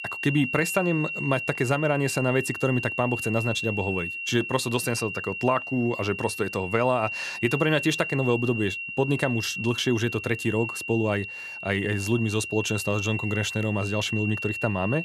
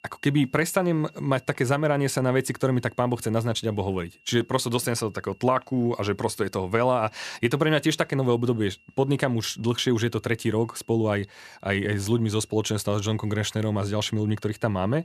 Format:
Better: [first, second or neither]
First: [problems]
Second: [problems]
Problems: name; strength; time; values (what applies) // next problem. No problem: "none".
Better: second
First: high-pitched whine; loud; throughout; 2.5 kHz, 5 dB below the speech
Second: high-pitched whine; faint; throughout; 2.5 kHz, 30 dB below the speech